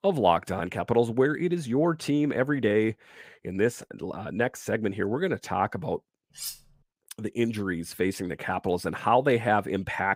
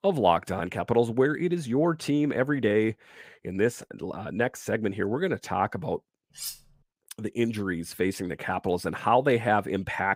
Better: neither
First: clattering dishes; noticeable; at 6.5 s; peak 9 dB below the speech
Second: clattering dishes; noticeable; at 6.5 s; peak 9 dB below the speech

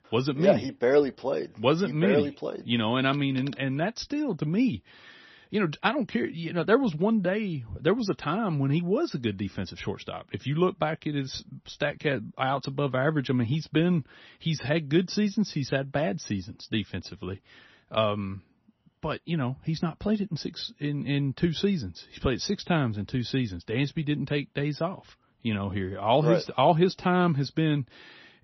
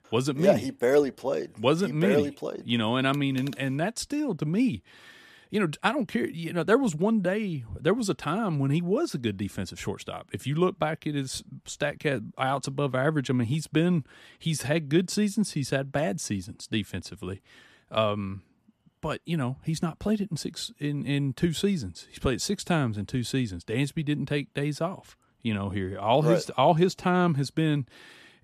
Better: second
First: garbled, watery; slightly; nothing above 6 kHz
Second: none

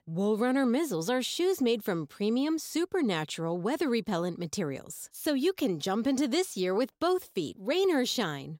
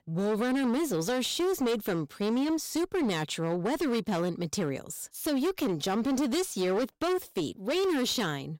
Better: first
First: none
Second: distortion; slight; 22% of the sound clipped

